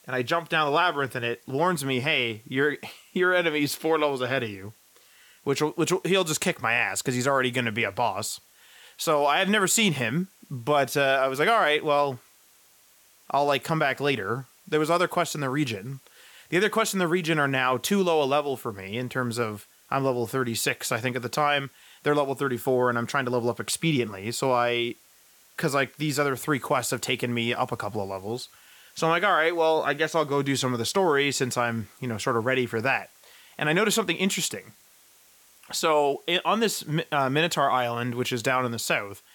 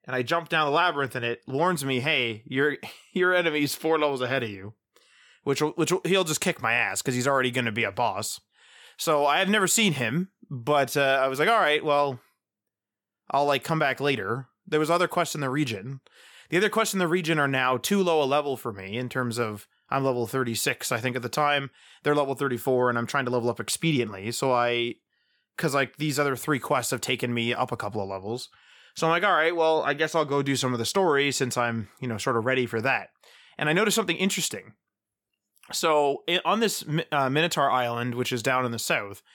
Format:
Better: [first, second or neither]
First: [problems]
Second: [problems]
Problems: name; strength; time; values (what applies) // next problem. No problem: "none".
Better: second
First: hiss; faint; throughout; 30 dB below the speech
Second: none